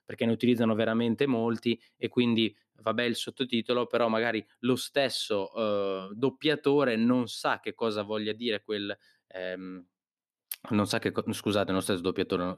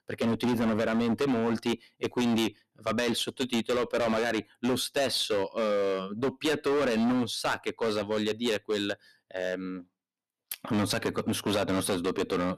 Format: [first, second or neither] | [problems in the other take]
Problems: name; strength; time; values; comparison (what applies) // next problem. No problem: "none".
first | distortion; heavy; 17% of the sound clipped